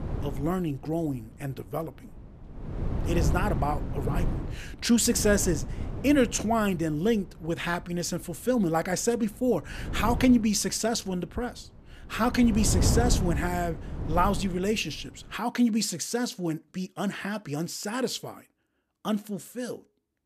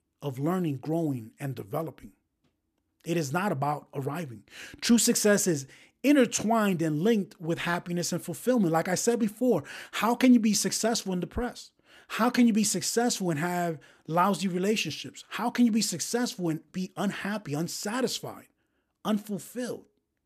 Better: second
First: wind noise on the microphone; occasional gusts; until 15 s; 10 dB below the speech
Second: none

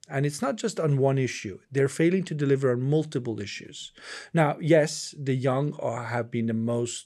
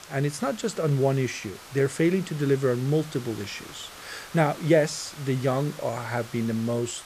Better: first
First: none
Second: hiss; noticeable; throughout; 15 dB below the speech

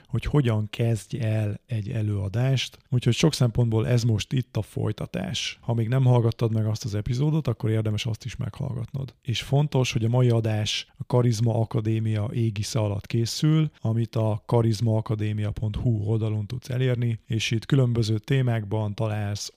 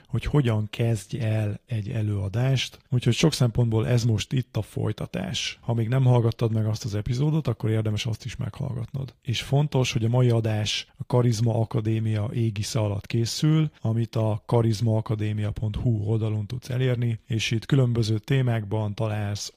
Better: first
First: none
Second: garbled, watery; slightly; nothing above 15 kHz

